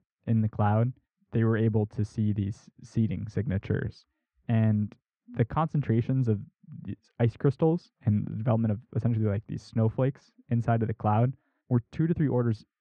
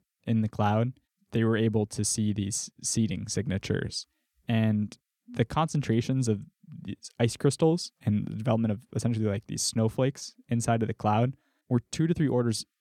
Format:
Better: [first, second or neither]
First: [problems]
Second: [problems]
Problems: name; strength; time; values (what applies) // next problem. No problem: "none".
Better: second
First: muffled; very; fading above 1.5 kHz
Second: none